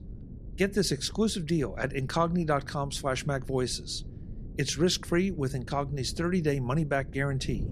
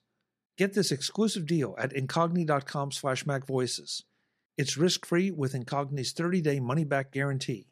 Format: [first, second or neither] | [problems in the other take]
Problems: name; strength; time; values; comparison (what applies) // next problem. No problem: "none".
second | wind noise on the microphone; occasional gusts; 25 dB below the speech